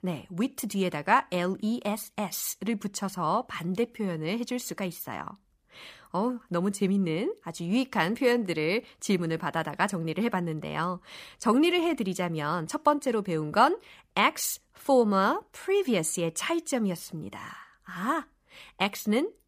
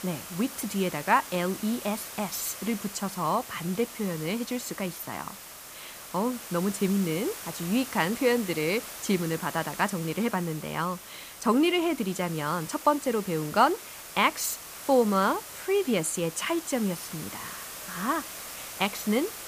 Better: first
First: none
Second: hiss; noticeable; throughout; 10 dB below the speech

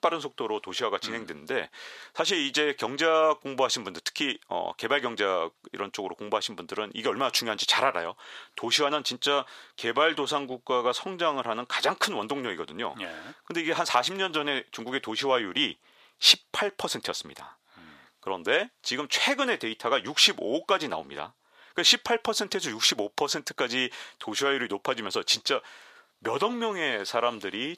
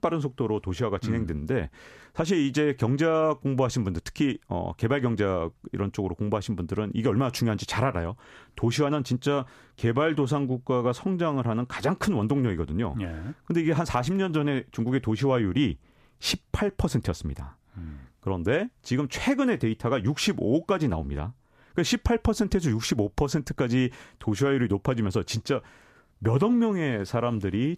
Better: second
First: thin; very; fading below 600 Hz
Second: none

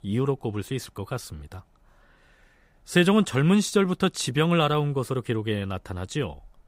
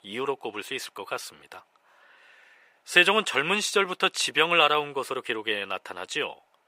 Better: first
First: none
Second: thin; very; fading below 550 Hz

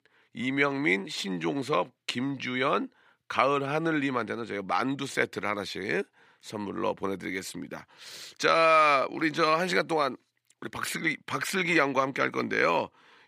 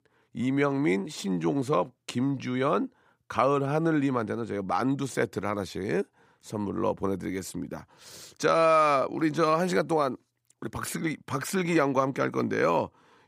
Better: second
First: thin; very slightly; fading below 400 Hz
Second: none

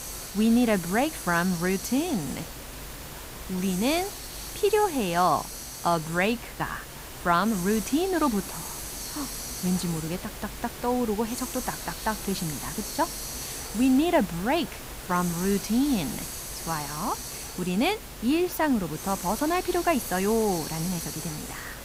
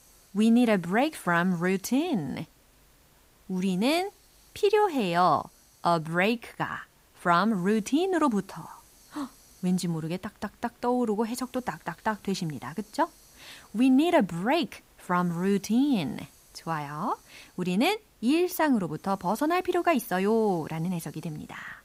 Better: second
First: hiss; loud; throughout; 8 dB below the speech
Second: hiss; faint; throughout; 30 dB below the speech

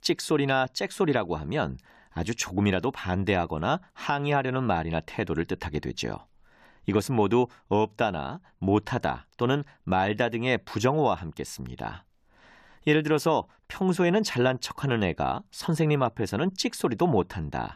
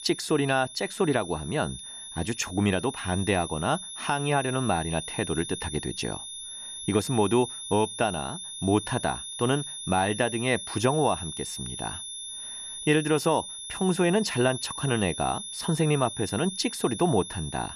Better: first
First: none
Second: high-pitched whine; loud; throughout; 3.5 kHz, 8 dB below the speech

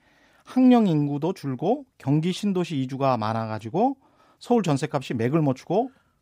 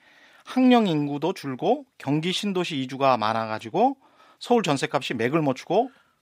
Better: first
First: none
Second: thin; very slightly; fading below 350 Hz

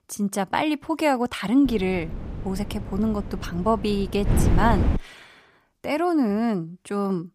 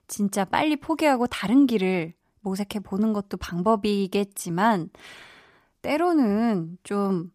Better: second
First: wind noise on the microphone; occasional gusts; from 1.5 to 5 s; 10 dB below the speech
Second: none

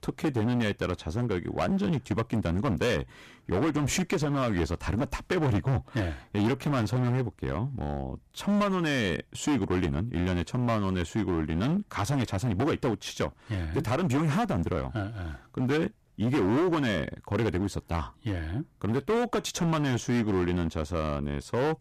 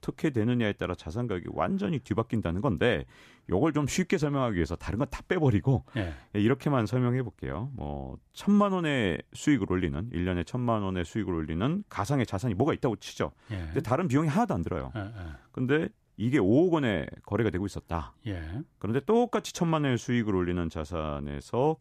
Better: second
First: distortion; heavy; 15% of the sound clipped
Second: none

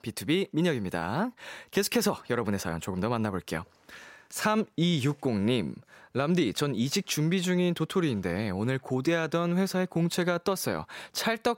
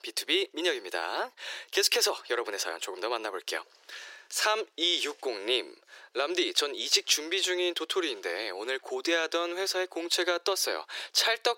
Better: first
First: none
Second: thin; very; fading below 350 Hz

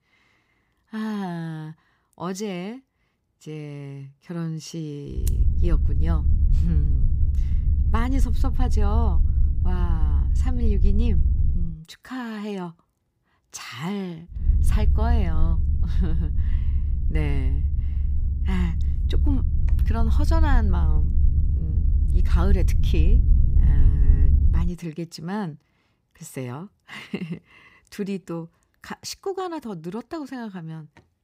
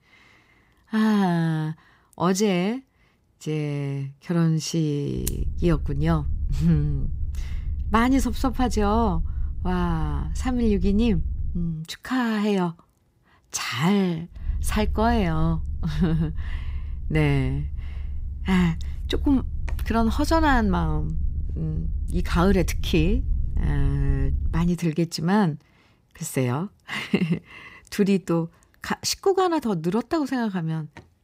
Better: second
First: low rumble; loud; from 5 to 12 s and from 14 to 25 s; 6 dB below the speech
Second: low rumble; faint; from 5 to 12 s and from 14 to 25 s; 20 dB below the speech

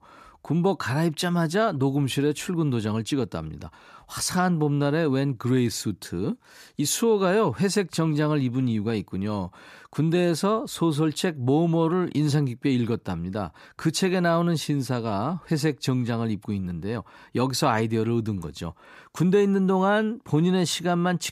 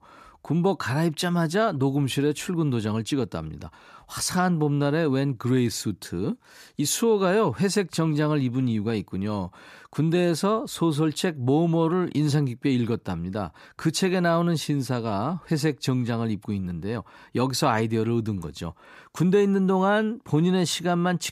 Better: neither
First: none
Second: none

